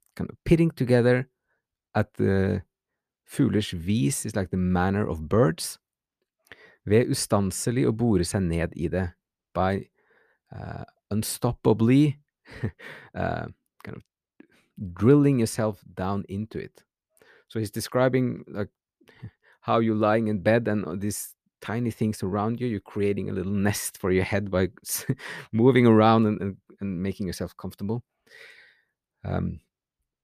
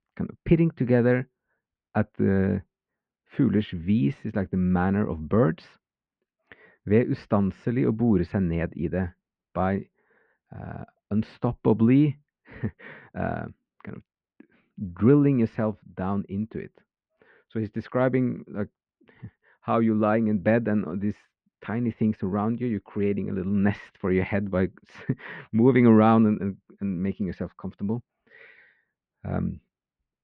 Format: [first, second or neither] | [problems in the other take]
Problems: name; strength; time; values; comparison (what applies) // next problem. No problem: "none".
first | muffled; very; fading above 3 kHz